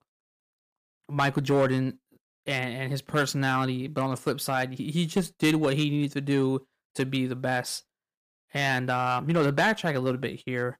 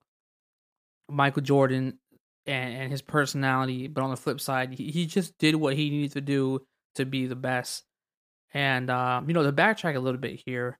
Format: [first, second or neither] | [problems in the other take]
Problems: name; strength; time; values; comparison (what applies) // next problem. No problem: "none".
second | distortion; slight; 2% of the sound clipped